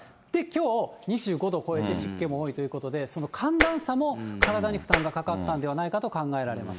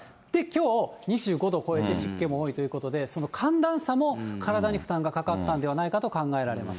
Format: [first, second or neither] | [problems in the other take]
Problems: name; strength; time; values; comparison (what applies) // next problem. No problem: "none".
second | background sound (Tap); as loud as the speech